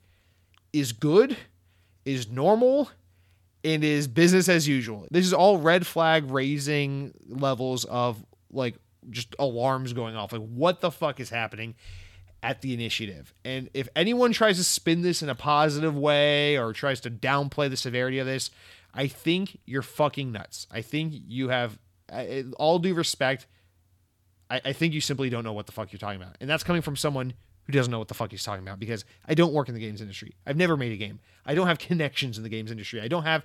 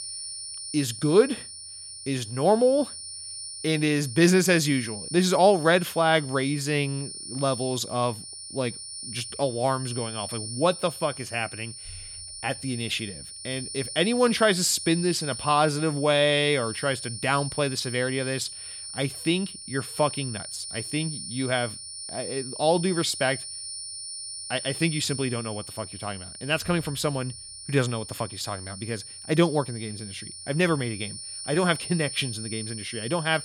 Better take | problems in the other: first | high-pitched whine; loud; throughout; 9.5 kHz, 9 dB below the speech

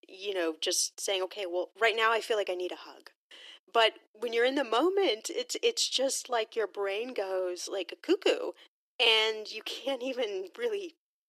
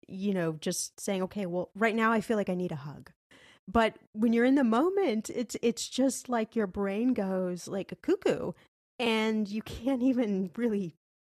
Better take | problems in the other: second | thin; very; fading below 300 Hz

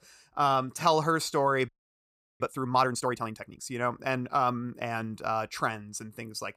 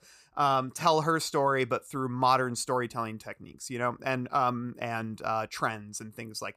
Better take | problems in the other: second | audio freezing; at 1.5 s for 0.5 s

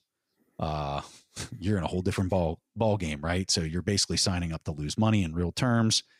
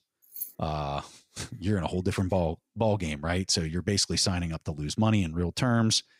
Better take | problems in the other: first | jangling keys; noticeable; at 0.5 s; peak 9 dB below the speech

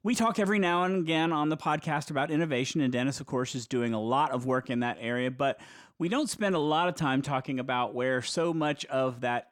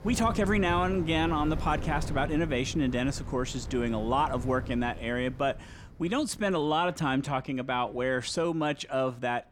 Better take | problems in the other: first | wind in the background; loud; throughout; 10 dB below the speech

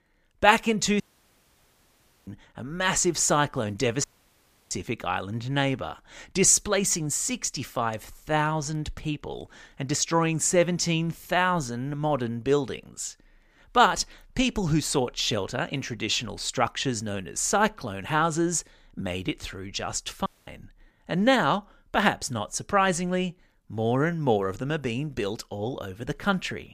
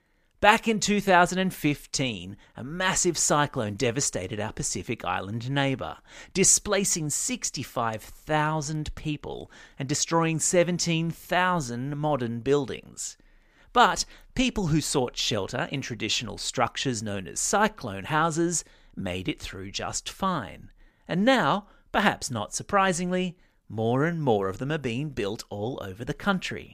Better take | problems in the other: second | audio cutting out; at 1 s for 1.5 s, at 4 s for 0.5 s and at 20 s

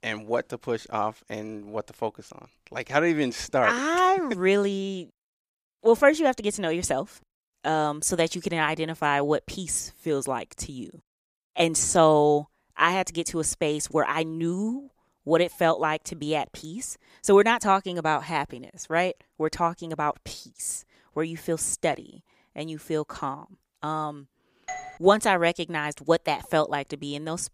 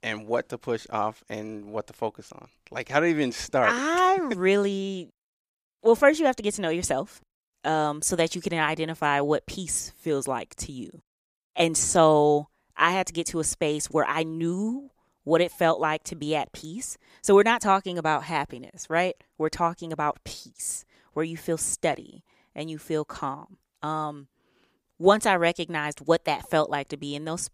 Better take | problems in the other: second | doorbell; faint; at 25 s; peak 10 dB below the speech

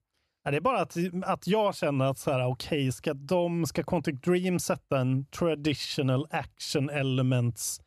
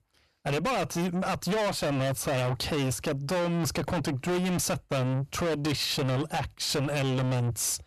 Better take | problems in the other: first | distortion; heavy; 5 dB below the speech

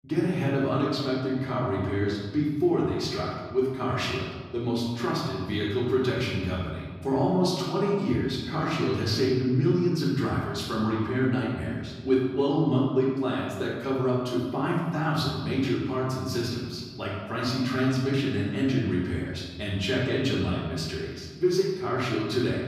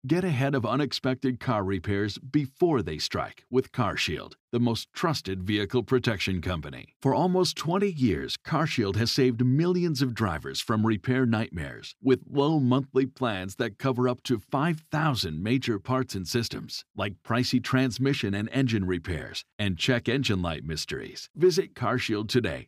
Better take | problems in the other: second | room echo; noticeable; dies away in 1.4 s // off-mic speech; far

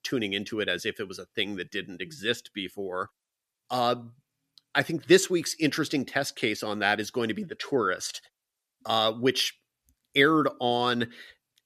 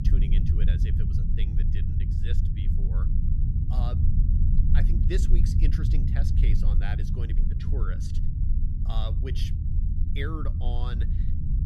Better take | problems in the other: first | low rumble; loud; throughout; 1 dB below the speech

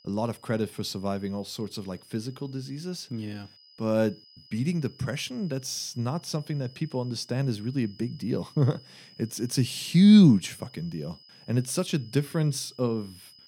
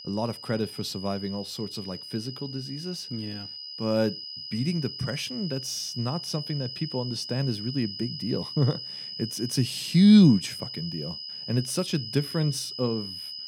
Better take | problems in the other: first | high-pitched whine; loud; throughout; 5 kHz, 9 dB below the speech; faint in the first

